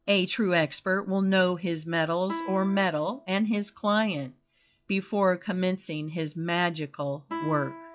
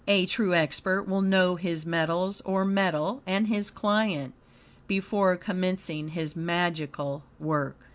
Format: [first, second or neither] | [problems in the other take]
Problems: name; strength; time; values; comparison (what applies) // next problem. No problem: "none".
second | noise reduction (classical method log-MMSE)